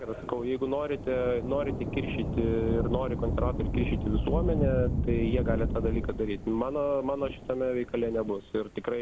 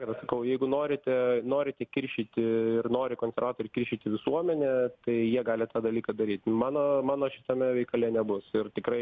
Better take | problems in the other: second | background sound (Thunder / Rain); 1 dB below the speech

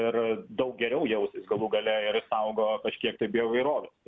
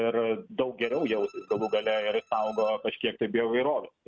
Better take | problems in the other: first | noise reduction (neural mask model RNNoise)

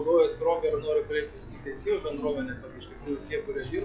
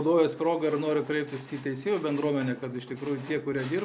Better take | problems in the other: second | noise reduction (classical method log-MMSE)

